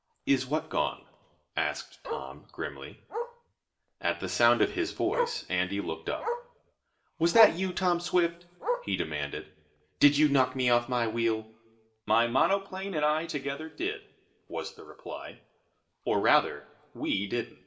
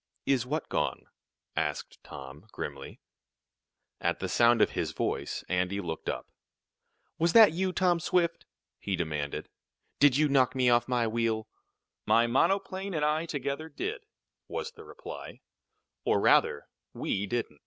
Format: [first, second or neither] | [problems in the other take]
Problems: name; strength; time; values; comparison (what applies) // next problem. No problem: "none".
second | background sound (Bark); 11 dB below the speech // room echo; dies away in 0.5 s